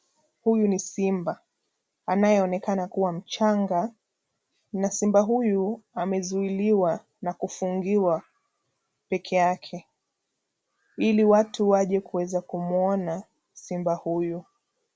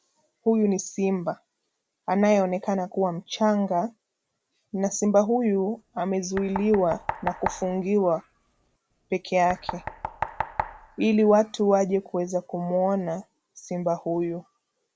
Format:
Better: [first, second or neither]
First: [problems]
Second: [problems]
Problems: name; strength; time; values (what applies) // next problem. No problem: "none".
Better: first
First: none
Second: background sound (Knock); 10 dB below the speech